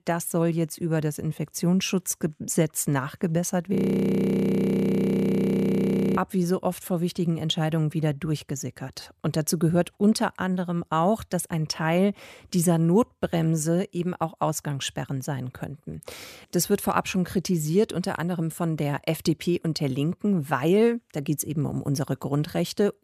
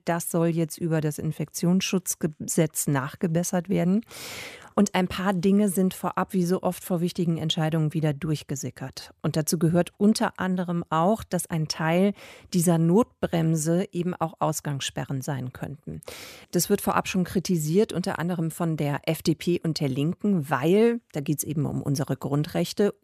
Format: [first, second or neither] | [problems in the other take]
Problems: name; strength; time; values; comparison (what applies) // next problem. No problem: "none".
second | audio freezing; at 4 s for 2.5 s